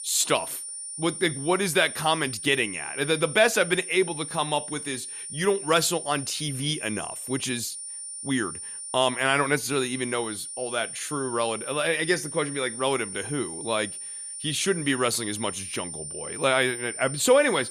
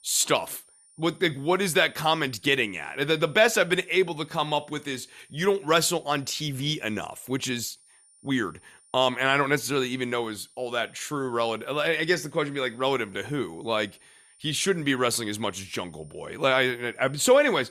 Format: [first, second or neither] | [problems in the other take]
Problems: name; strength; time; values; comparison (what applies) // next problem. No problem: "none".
second | high-pitched whine; loud; throughout; 9.5 kHz, 8 dB below the speech; faint in the second